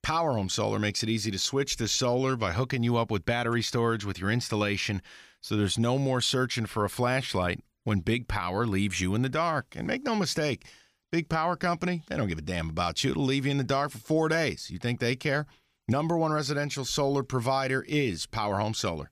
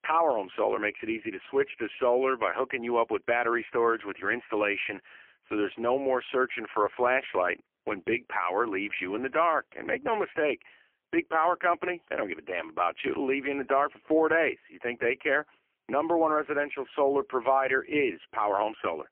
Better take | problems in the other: first | phone-call audio; poor line

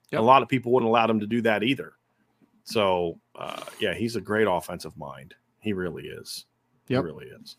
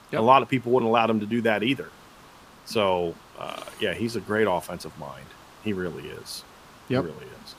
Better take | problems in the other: first | hiss; faint; throughout; 25 dB below the speech

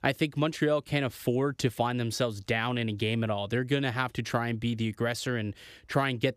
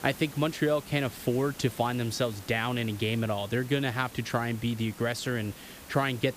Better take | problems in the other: first | hiss; noticeable; throughout; 15 dB below the speech

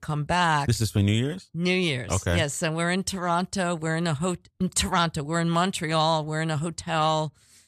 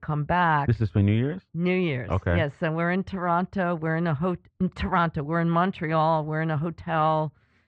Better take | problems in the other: first | muffled; very; fading above 2 kHz

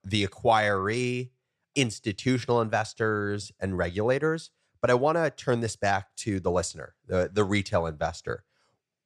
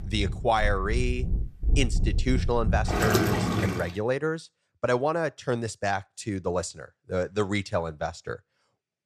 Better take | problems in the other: first | rain or running water; very loud; until 4 s; 1 dB above the speech

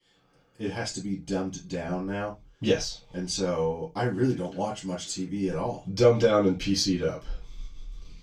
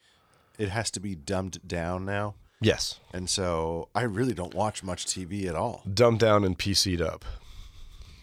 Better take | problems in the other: second | room echo; very slight; dies away in 0.2 s // off-mic speech; far

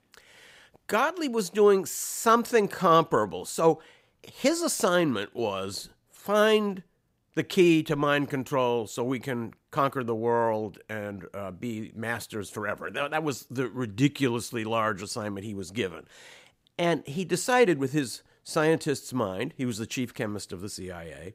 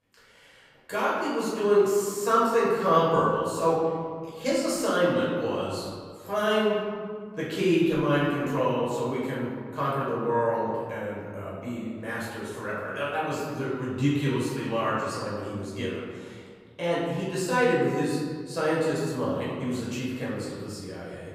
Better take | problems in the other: first | off-mic speech; far // room echo; noticeable; dies away in 1.8 s

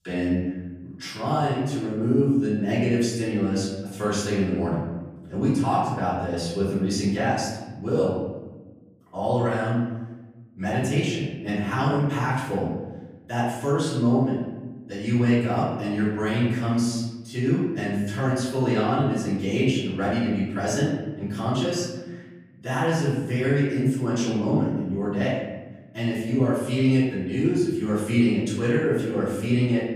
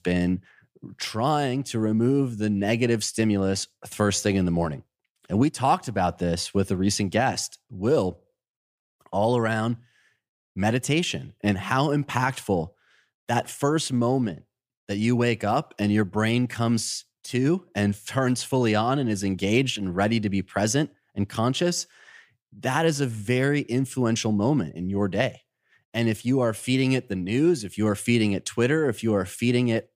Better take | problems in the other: second | off-mic speech; far // room echo; noticeable; dies away in 1.1 s

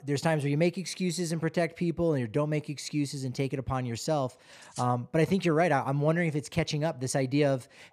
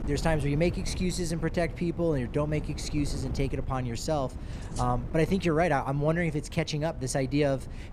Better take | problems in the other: first | wind noise on the microphone; occasional gusts; 20 dB below the speech

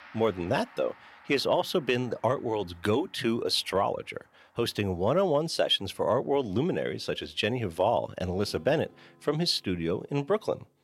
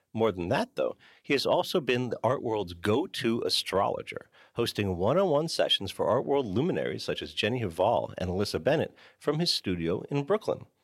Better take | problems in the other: second | background music; faint; throughout; 30 dB below the speech

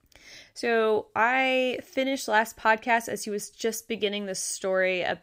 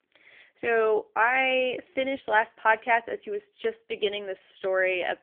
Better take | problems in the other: first | phone-call audio; poor line; nothing above 3 kHz

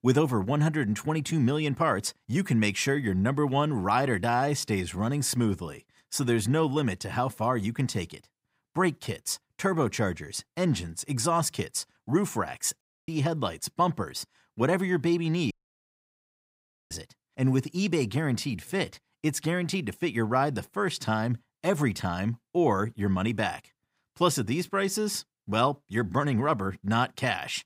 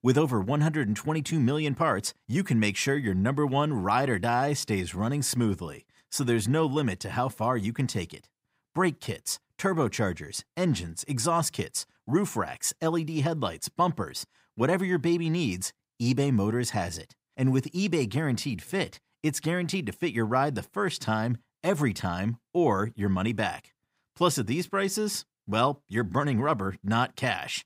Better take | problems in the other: second | audio cutting out; at 13 s and at 16 s for 1.5 s

